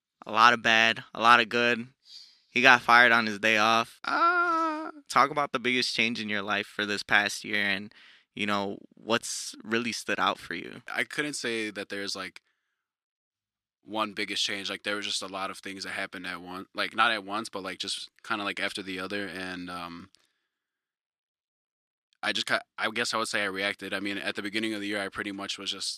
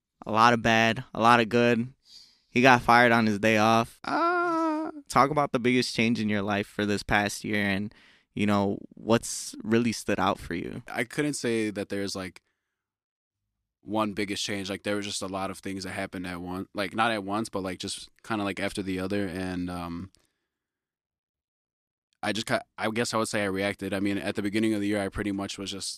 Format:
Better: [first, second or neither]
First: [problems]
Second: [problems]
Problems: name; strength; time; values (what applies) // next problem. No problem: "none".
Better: second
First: thin; somewhat; fading below 300 Hz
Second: none